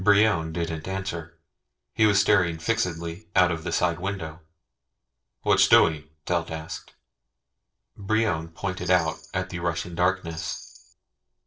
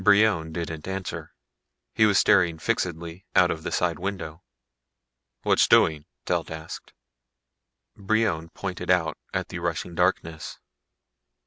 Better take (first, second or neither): second